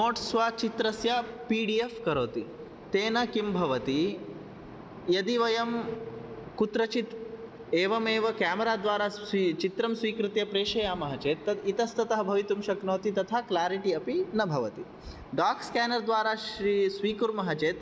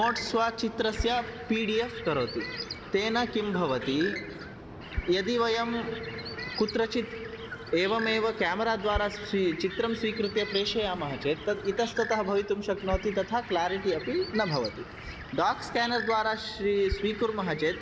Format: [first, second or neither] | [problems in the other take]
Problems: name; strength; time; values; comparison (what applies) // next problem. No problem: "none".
first | background sound (Bird); 10 dB below the speech